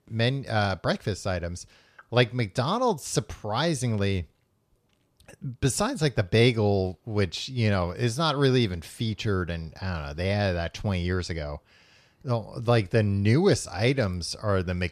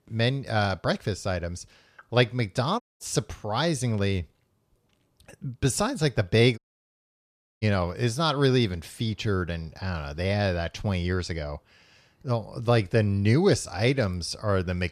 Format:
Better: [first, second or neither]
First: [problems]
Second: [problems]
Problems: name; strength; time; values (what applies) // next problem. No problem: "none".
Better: first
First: none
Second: audio cutting out; at 3 s and at 6.5 s for 1 s